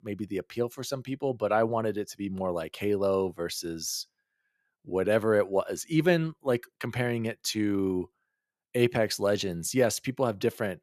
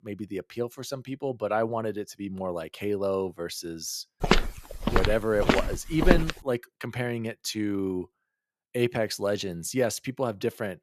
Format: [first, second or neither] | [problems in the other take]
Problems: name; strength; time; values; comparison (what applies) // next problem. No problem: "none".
first | footsteps; loud; from 4 to 6.5 s; peak 5 dB above the speech